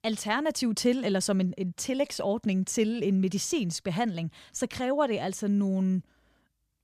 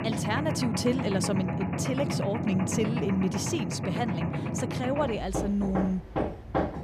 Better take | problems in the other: first | machinery noise; loud; throughout; 1 dB below the speech

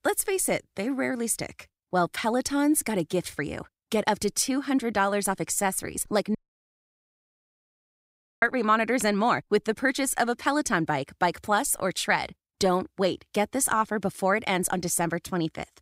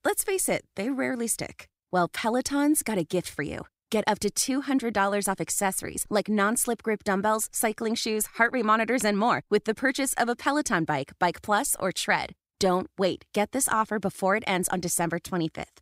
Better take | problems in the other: second | audio cutting out; at 6.5 s for 2 s

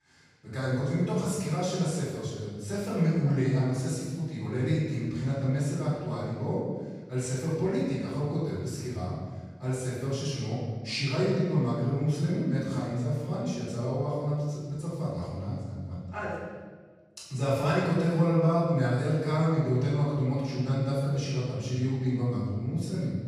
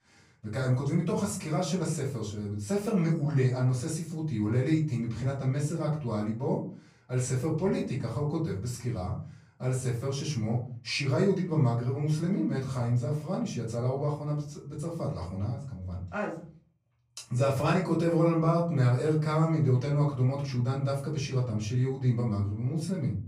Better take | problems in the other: second | room echo; strong; dies away in 1.3 s; slight in the second // off-mic speech; far; far in the second

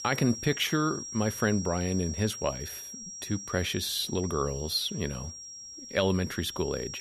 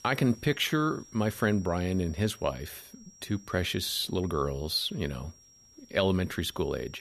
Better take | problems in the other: second | high-pitched whine; loud; throughout; 5.5 kHz, 9 dB below the speech; faint in the second

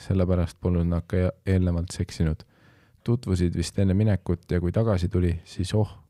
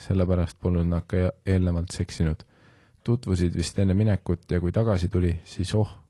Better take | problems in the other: first | garbled, watery; slightly

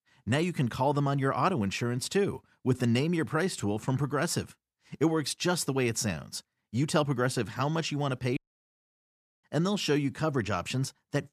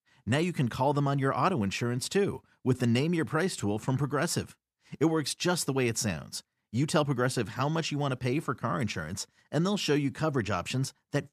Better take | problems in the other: second | audio cutting out; at 8.5 s for 1 s

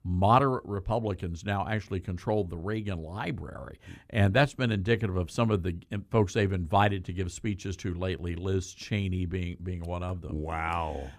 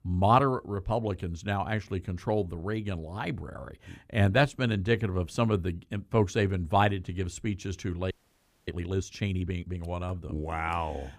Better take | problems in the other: first | audio freezing; at 8 s for 0.5 s

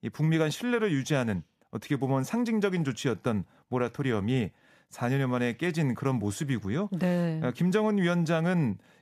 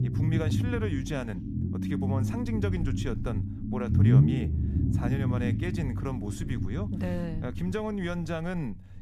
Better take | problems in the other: first | low rumble; loud; throughout; 1 dB below the speech

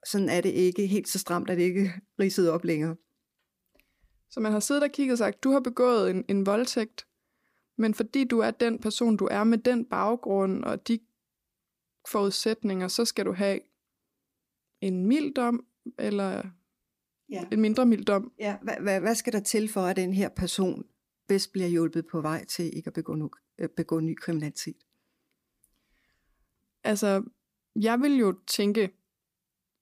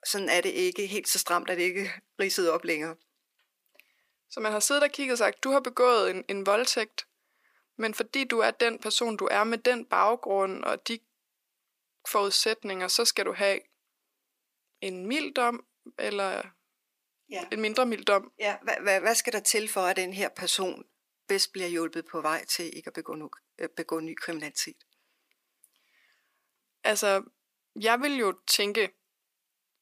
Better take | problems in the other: first | thin; somewhat; fading below 600 Hz

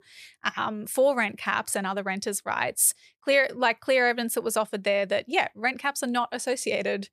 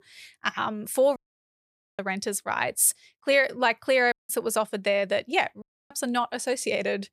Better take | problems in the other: first | audio cutting out; at 1 s for 1 s, at 4 s and at 5.5 s

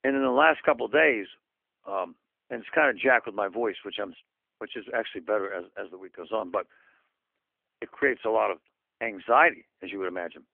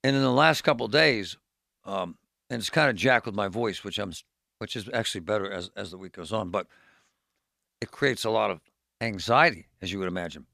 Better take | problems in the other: second | phone-call audio; nothing above 3.5 kHz

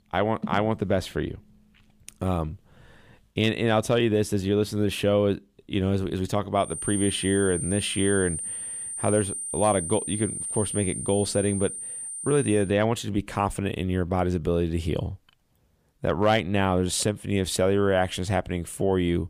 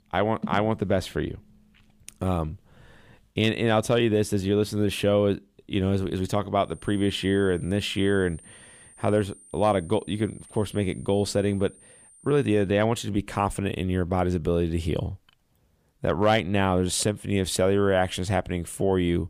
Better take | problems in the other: second | high-pitched whine; loud; from 6.5 to 13 s; 9 kHz, 5 dB below the speech; faint in the second

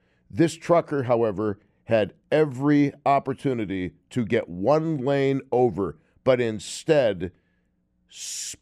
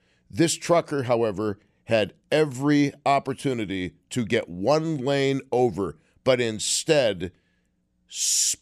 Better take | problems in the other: second | muffled; slightly; fading above 2.5 kHz

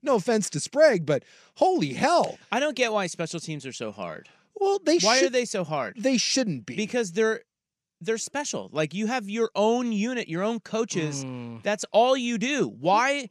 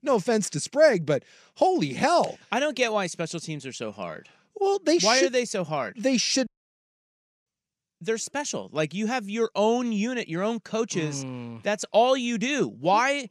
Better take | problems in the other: first | audio cutting out; at 6.5 s for 1 s

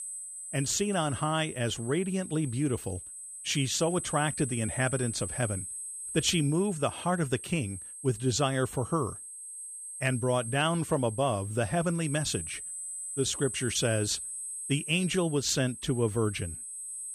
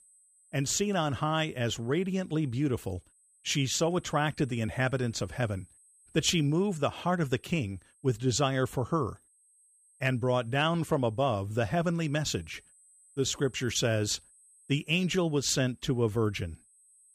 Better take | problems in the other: second | high-pitched whine; loud; throughout; 8 kHz, 8 dB below the speech; faint in the second

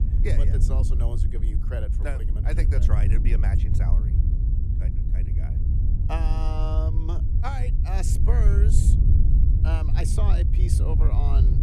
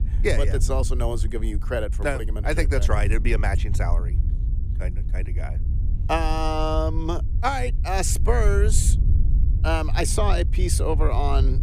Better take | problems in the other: second | wind noise on the microphone; heavy; 3 dB below the speech; occasional gusts in the second

